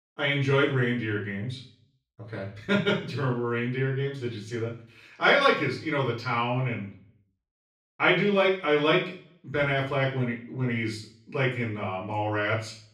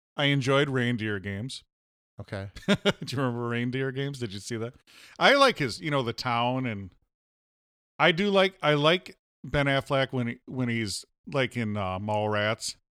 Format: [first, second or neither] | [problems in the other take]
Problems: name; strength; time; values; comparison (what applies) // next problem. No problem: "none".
second | room echo; noticeable; dies away in 0.5 s // off-mic speech; far